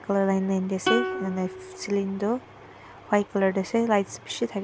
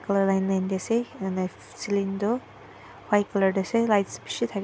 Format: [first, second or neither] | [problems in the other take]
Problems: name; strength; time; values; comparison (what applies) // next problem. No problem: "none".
second | background sound (Plucked string instrument); 7 dB below the speech